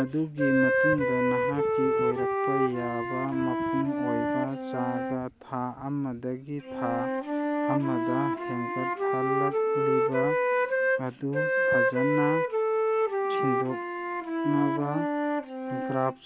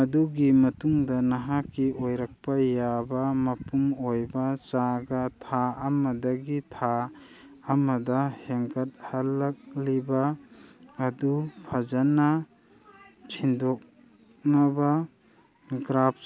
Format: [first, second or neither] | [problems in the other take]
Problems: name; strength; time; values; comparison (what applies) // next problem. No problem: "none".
second | background sound (Wind instrument, woodwind instrument); 4 dB above the speech